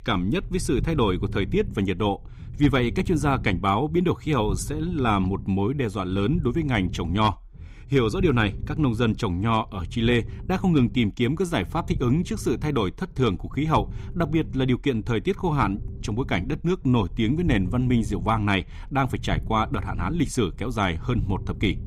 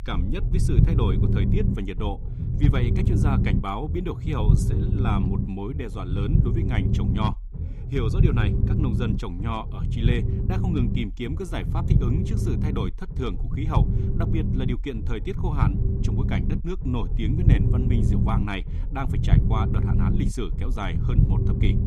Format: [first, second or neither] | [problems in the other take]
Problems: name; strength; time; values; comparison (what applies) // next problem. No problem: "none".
first | low rumble; loud; throughout; 2 dB below the speech; faint in the first